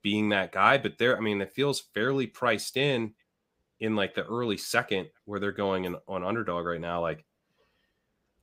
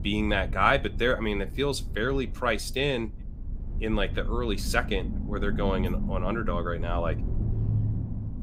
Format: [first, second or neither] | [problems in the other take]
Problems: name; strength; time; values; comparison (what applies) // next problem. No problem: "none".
first | low rumble; noticeable; throughout; 15 dB below the speech